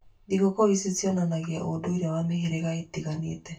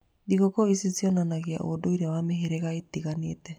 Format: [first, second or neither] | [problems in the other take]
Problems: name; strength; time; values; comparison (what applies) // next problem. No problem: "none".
second | room echo; dies away in 0.2 s